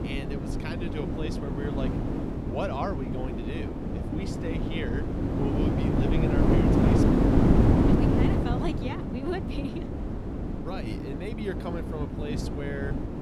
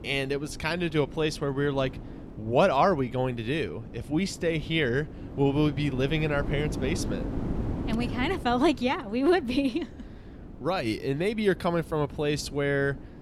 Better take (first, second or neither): second